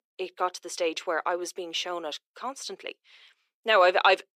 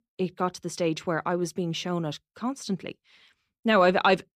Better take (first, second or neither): second